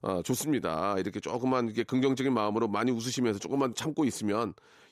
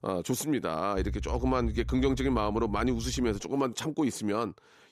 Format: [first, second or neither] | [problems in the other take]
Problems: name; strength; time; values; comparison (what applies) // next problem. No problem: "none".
first | low rumble; faint; from 1 to 3.5 s; 25 dB below the speech